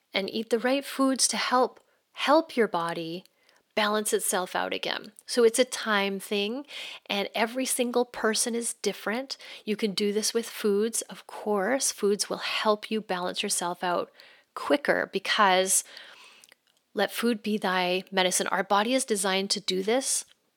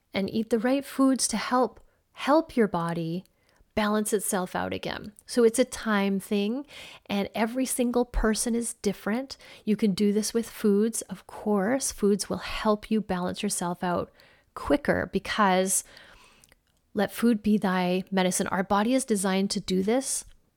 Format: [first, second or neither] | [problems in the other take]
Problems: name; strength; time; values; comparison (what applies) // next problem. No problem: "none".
second | thin; very slightly; fading below 300 Hz